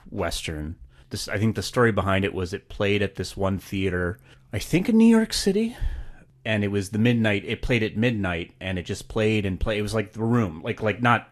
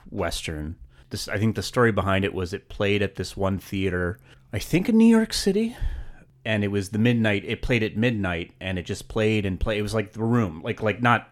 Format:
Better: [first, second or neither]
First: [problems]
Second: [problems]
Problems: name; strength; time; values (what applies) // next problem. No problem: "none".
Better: second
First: garbled, watery; slightly; nothing above 12.5 kHz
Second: none